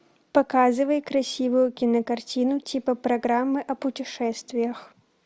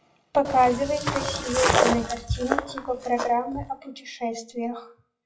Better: first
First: none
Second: noise reduction (classical method WPE with log-MMSE)

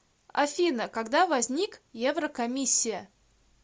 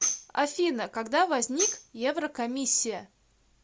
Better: first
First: none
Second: background sound (Tambourine); 6 dB below the speech

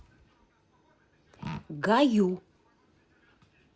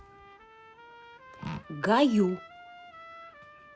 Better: first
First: none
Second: background sound (Trumpet); 19 dB below the speech

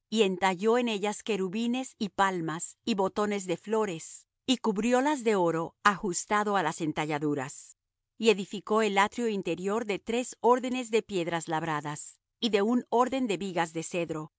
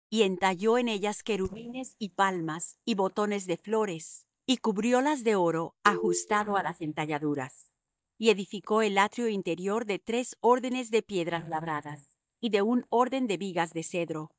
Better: first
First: none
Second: noise reduction (neural mask model DeepFilterNet 3)

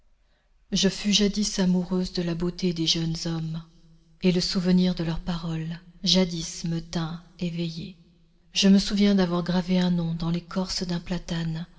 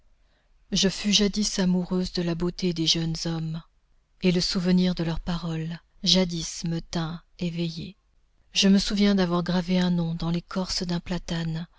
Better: second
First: room echo; dies away in 0.8 s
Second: none

